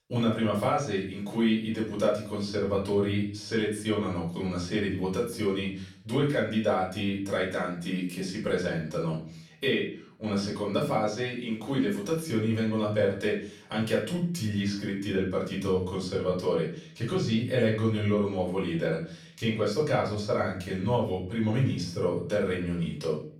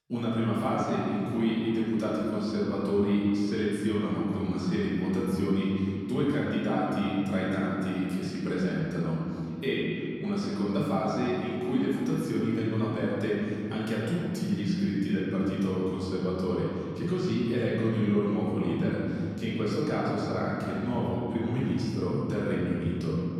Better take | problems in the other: first | room echo; strong; dies away in 3 s; slight in the first // off-mic speech; far; far in the first

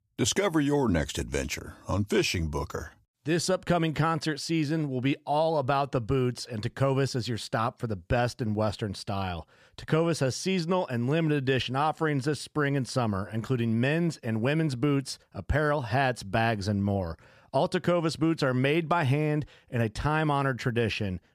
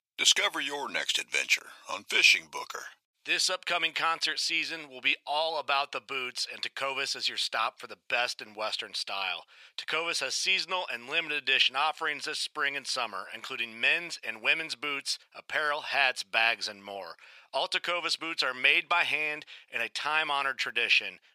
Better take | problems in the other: first | thin; very; fading below 900 Hz

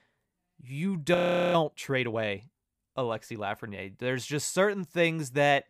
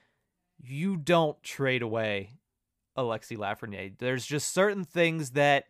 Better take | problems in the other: second | audio freezing; at 1 s

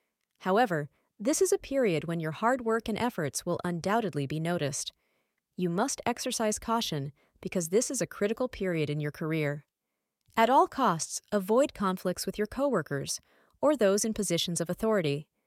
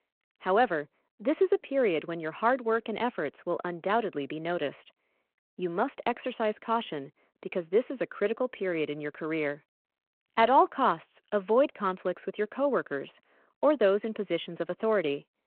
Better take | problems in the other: first | phone-call audio

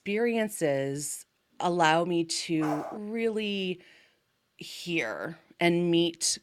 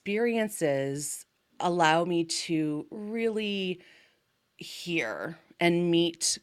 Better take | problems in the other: second | dog barking; noticeable; at 2.5 s; peak 8 dB below the speech

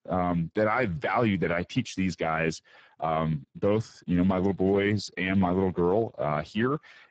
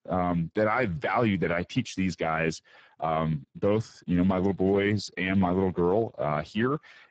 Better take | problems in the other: neither | garbled, watery; badly; nothing above 7.5 kHz; the same in both

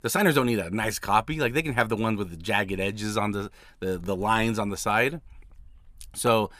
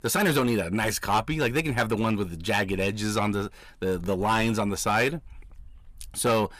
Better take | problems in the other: first | distortion; slight; 10 dB below the speech

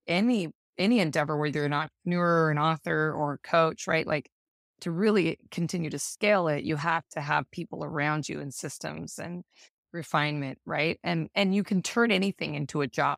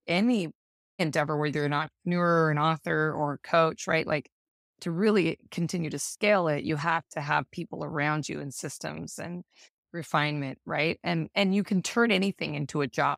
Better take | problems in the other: first | audio cutting out; at 0.5 s

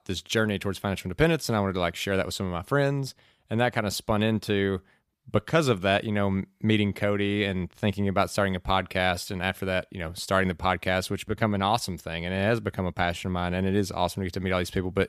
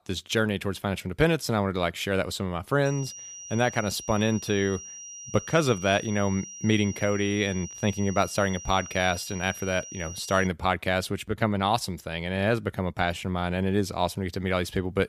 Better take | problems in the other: first | high-pitched whine; noticeable; from 3 to 10 s; 6 kHz, 10 dB below the speech

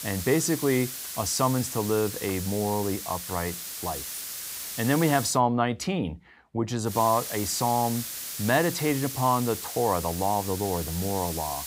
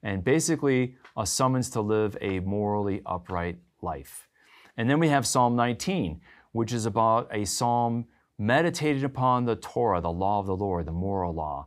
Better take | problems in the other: second | hiss; loud; until 5.5 s and from 7 s on; 7 dB below the speech

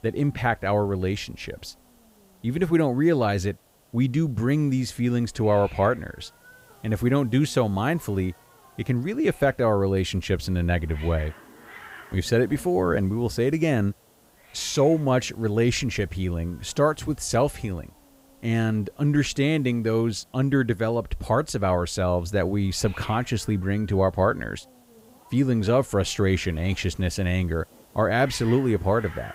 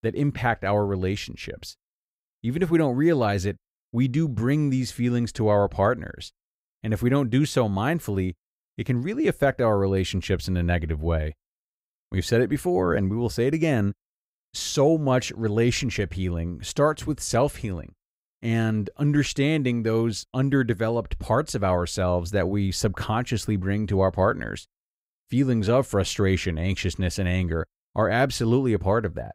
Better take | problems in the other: second | hiss; faint; throughout; 25 dB below the speech

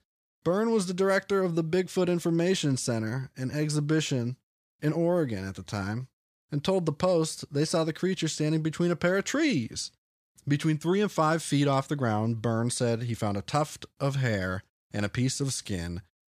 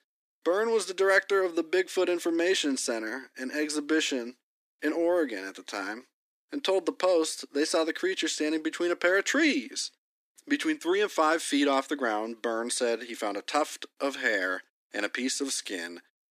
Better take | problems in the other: first | thin; somewhat; fading below 250 Hz

